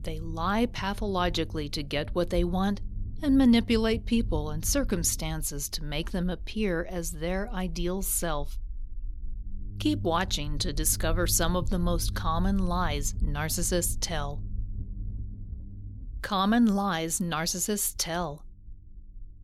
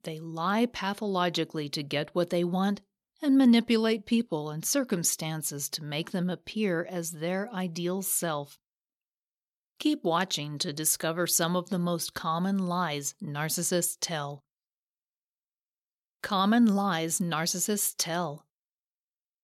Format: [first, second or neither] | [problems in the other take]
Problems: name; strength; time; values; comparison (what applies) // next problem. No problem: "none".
second | low rumble; faint; throughout; 25 dB below the speech